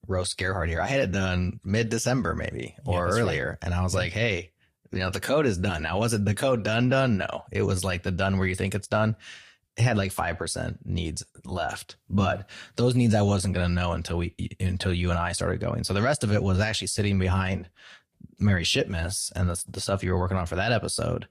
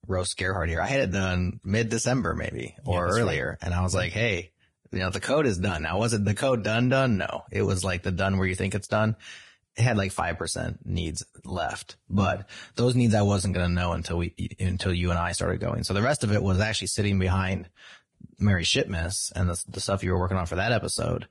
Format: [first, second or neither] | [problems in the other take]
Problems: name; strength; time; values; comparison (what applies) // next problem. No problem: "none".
first | garbled, watery; badly; nothing above 10.5 kHz; slightly in the first